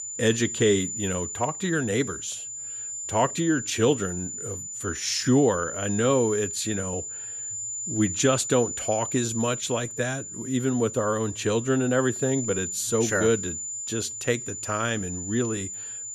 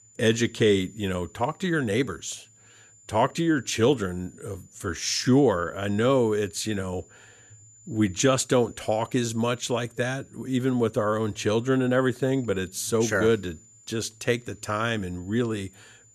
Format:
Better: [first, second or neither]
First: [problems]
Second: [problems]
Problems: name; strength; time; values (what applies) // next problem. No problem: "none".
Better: second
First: high-pitched whine; loud; throughout; 7 kHz, 6 dB below the speech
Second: high-pitched whine; faint; throughout; 7 kHz, 25 dB below the speech